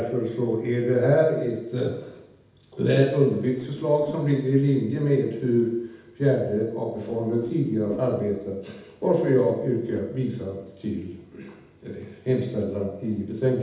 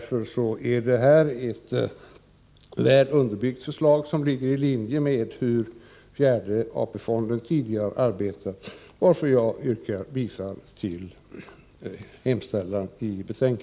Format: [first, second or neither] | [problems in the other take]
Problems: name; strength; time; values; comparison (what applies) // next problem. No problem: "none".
second | background sound (Whoosh, swoosh, swish); 19 dB below the speech // room echo; dies away in 0.8 s